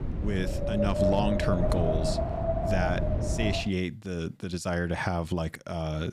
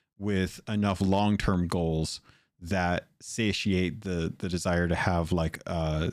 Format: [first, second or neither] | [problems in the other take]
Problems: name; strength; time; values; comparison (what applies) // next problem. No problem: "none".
second | wind noise on the microphone; heavy; until 3.5 s; 2 dB above the speech